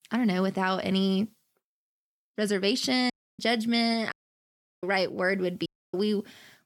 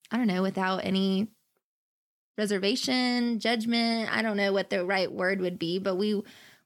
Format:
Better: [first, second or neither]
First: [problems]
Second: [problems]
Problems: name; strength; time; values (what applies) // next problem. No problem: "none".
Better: second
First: audio cutting out; at 3 s, at 4 s for 0.5 s and at 5.5 s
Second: none